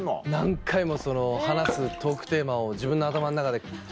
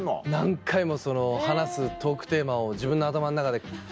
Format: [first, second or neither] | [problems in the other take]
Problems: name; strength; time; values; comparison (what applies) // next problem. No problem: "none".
second | background sound (Raindrop + Fireworks); 13 dB below the speech